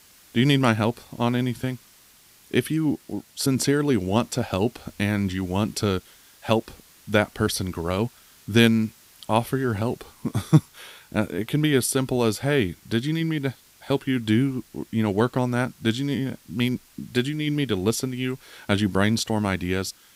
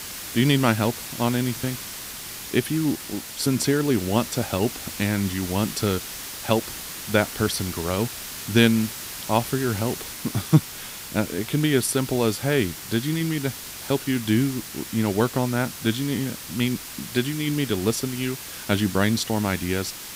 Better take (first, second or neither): first